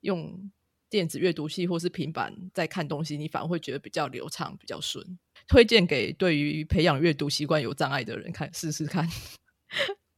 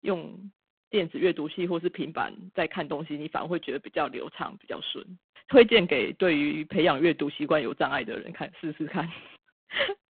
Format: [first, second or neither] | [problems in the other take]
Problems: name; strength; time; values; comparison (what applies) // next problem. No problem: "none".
first | phone-call audio; poor line